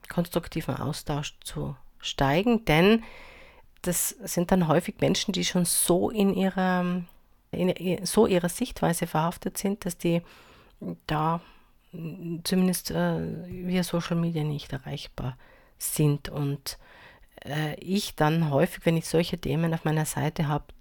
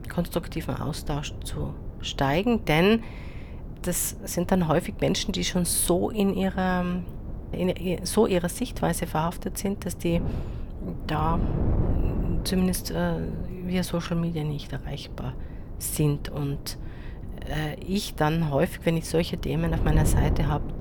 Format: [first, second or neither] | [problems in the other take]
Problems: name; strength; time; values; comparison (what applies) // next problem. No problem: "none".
first | wind noise on the microphone; occasional gusts; 15 dB below the speech